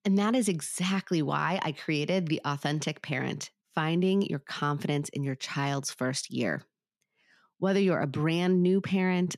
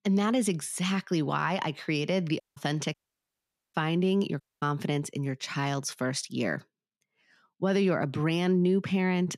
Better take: first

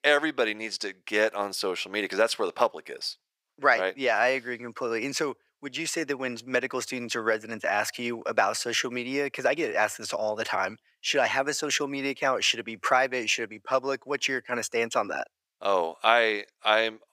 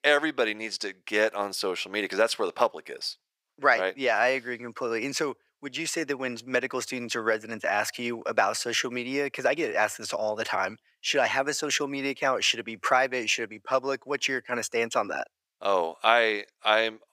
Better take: neither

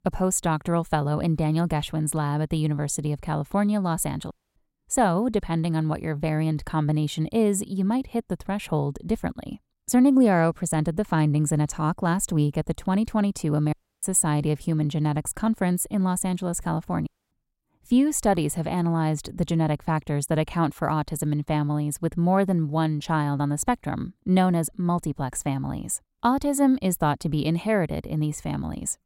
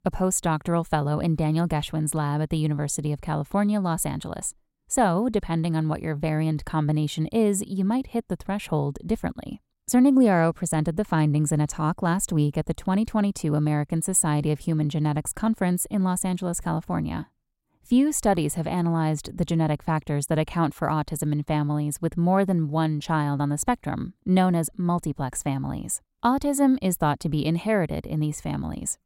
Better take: second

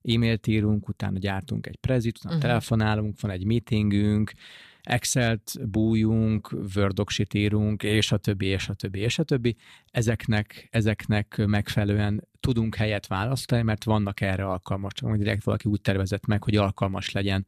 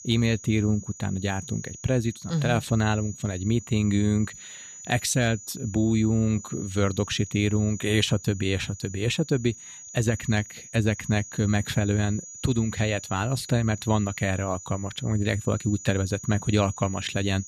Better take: first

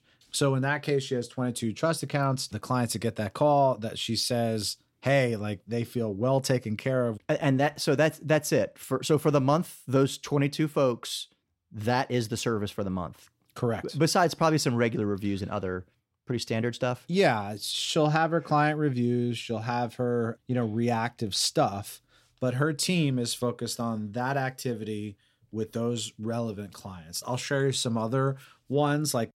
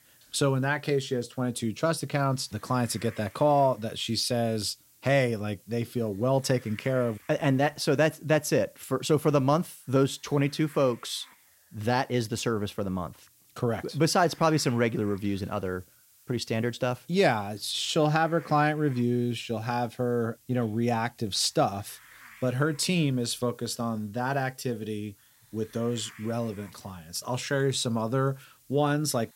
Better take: first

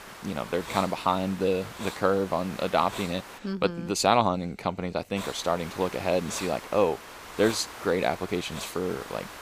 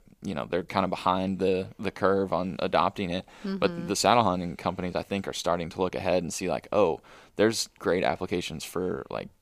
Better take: second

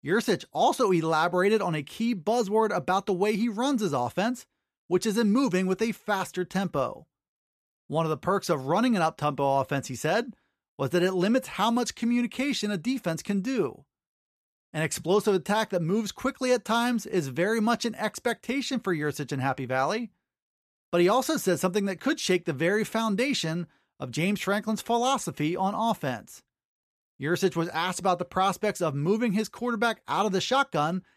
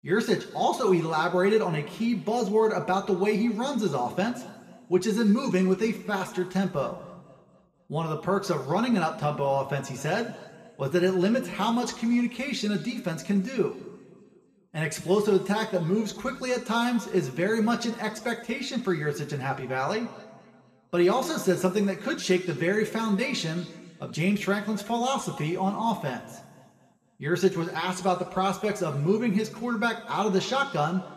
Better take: first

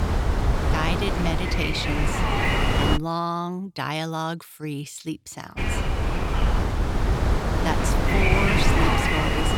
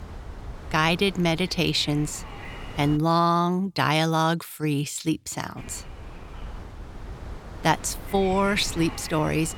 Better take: second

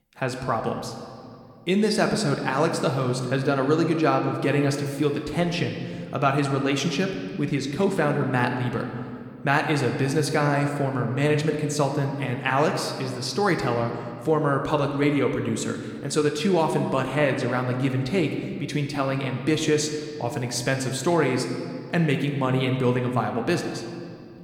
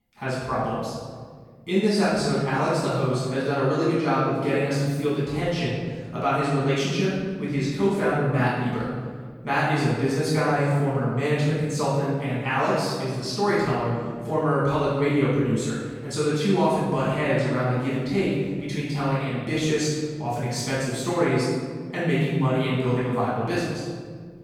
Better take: first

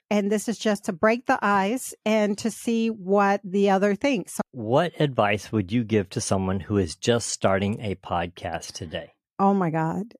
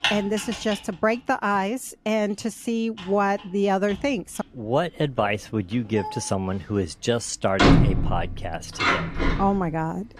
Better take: first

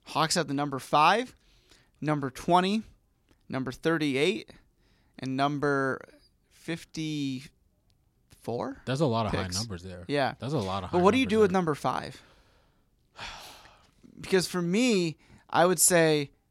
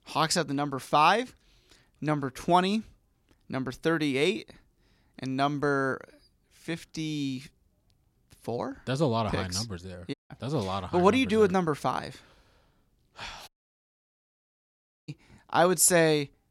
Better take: first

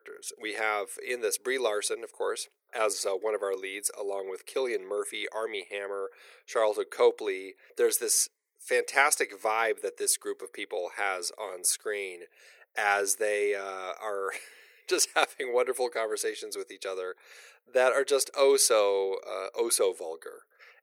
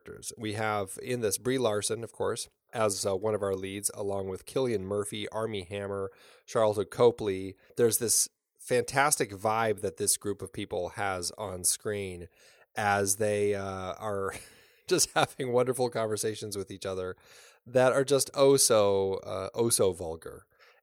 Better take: second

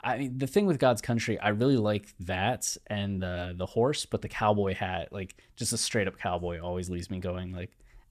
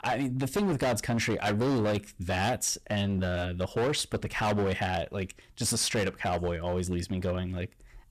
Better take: first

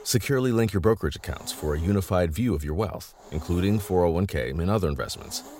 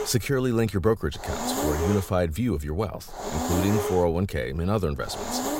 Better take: first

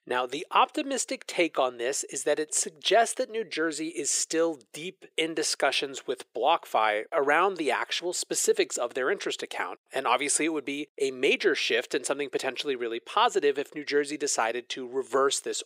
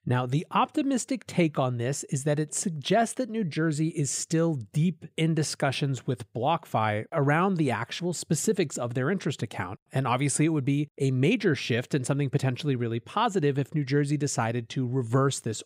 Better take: second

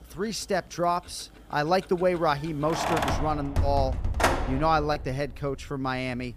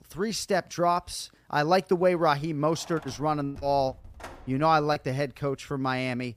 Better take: second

